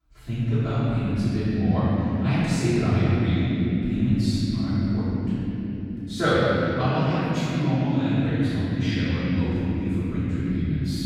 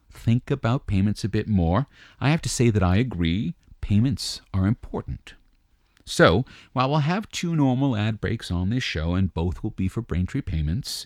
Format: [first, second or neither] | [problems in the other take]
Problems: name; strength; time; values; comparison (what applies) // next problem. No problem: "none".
second | room echo; strong; dies away in 3 s // off-mic speech; far